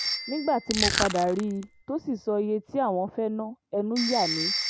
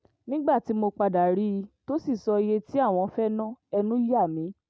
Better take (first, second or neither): second